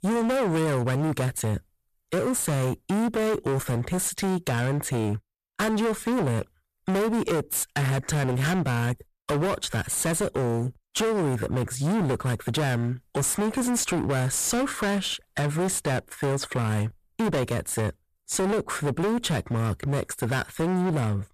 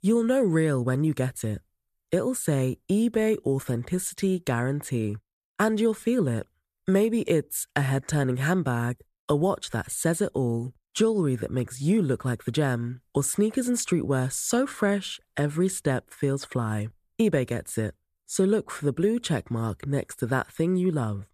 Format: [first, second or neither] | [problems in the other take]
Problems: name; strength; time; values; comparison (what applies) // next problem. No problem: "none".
second | distortion; heavy; 31% of the sound clipped